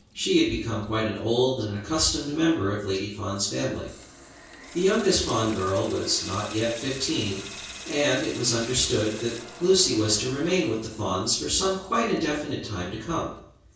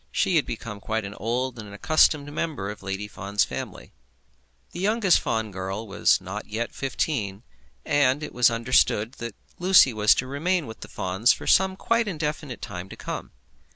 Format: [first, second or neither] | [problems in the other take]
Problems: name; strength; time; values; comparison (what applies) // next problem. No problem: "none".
second | background sound (Sink (filling or washing) / Water tap, faucet); 17 dB below the speech // room echo; dies away in 0.6 s